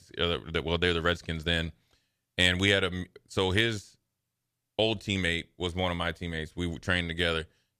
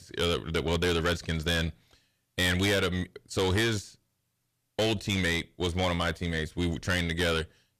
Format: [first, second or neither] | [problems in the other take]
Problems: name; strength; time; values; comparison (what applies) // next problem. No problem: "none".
first | distortion; heavy; 6 dB below the speech